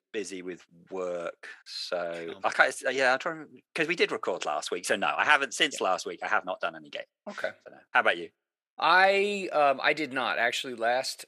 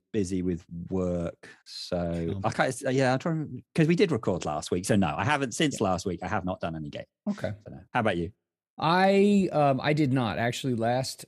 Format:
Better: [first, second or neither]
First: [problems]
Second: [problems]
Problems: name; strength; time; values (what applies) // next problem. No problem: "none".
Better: second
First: thin; very; fading below 550 Hz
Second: none